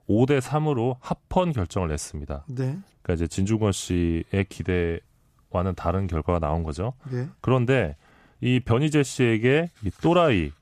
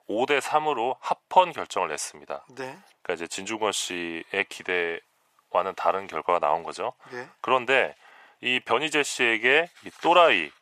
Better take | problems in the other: first | thin; very; fading below 650 Hz

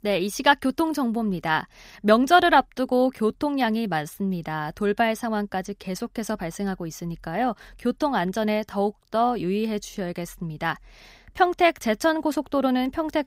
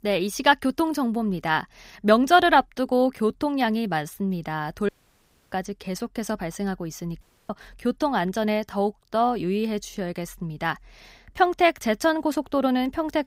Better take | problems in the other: first | audio cutting out; at 5 s for 0.5 s and at 7 s

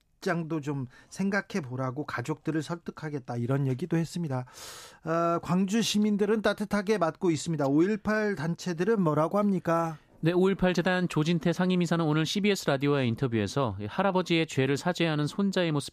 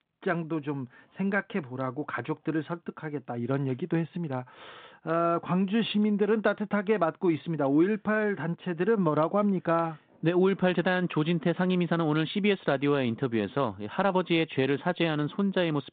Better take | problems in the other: first | phone-call audio; nothing above 4 kHz

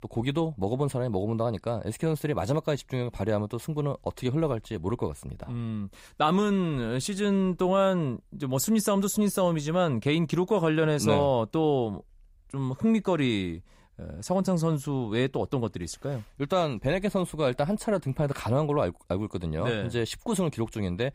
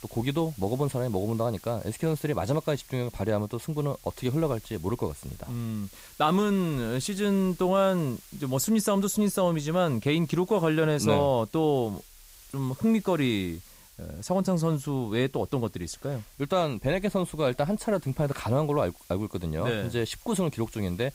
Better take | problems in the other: first | hiss; faint; throughout; 20 dB below the speech

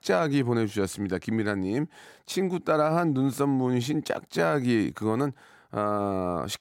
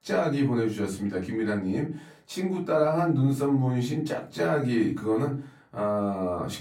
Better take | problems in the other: first | off-mic speech; far // room echo; very slight; dies away in 0.3 s

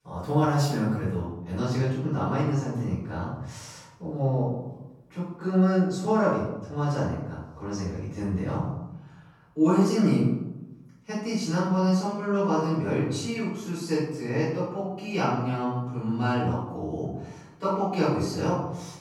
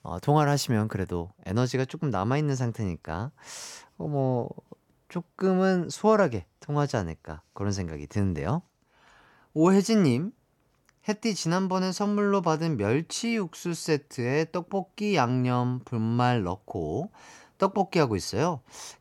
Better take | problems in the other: second | off-mic speech; far // room echo; noticeable; dies away in 0.9 s

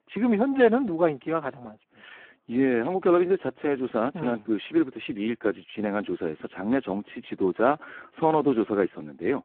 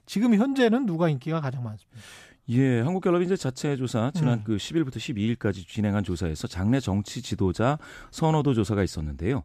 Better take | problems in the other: second | phone-call audio; poor line

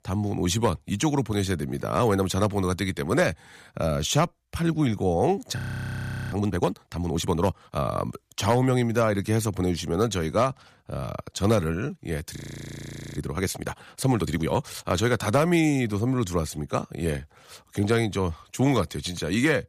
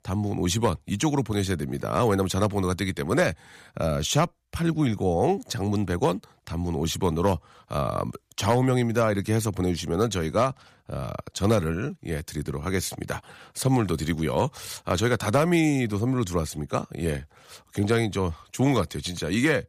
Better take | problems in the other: second | audio freezing; at 5.5 s for 0.5 s and at 12 s for 1 s

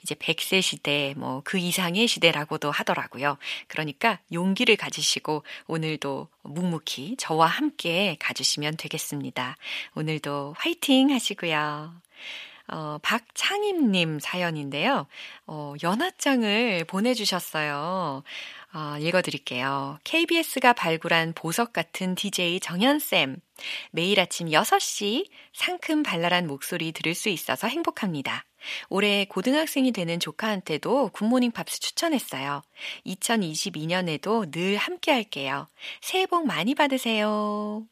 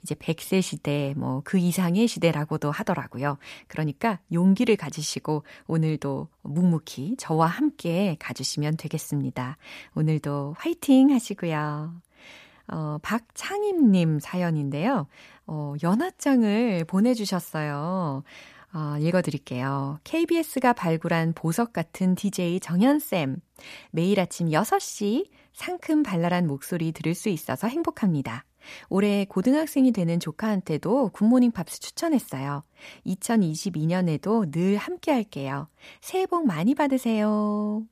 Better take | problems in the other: second | thin; very slightly; fading below 550 Hz

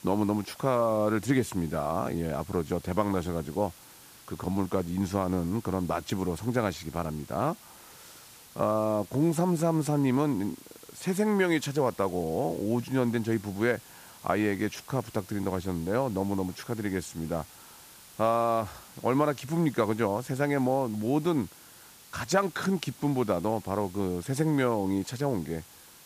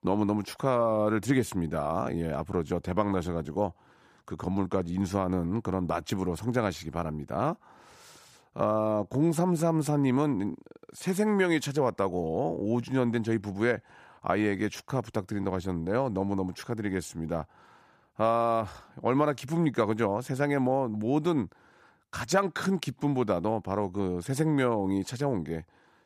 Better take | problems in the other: second | hiss; faint; throughout; 20 dB below the speech

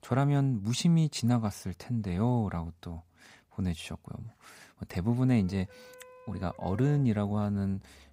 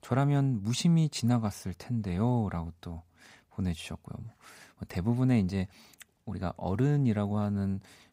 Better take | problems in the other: second | background music; faint; from 5.5 s on; 25 dB below the speech

